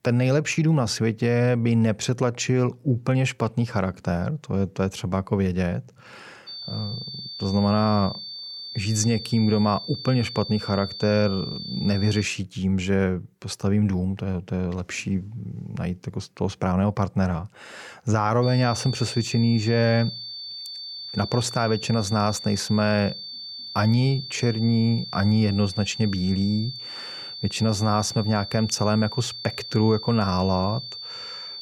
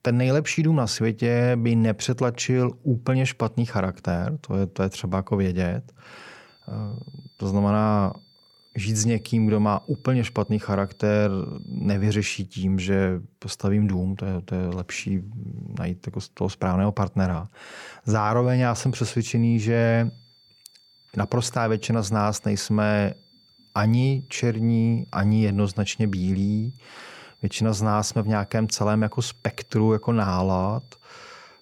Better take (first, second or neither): second